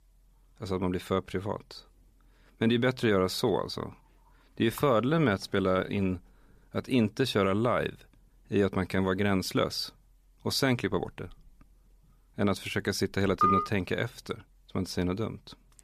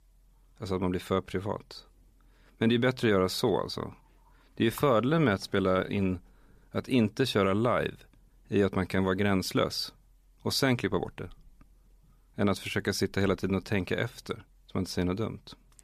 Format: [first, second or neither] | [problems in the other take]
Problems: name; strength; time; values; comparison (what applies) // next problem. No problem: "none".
second | phone ringing; loud; at 13 s; peak 3 dB above the speech